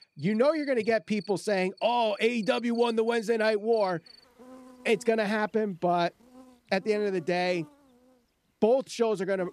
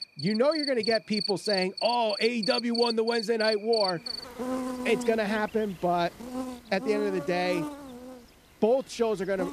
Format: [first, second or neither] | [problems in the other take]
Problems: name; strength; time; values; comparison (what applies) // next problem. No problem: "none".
first | animal sounds; loud; throughout; 6 dB below the speech; faint in the first